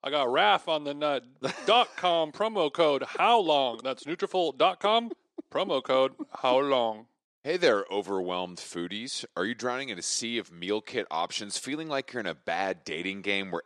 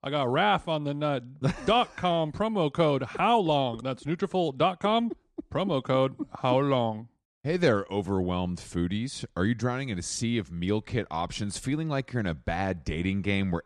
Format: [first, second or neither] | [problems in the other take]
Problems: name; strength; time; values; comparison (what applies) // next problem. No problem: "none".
second | thin; somewhat; fading below 400 Hz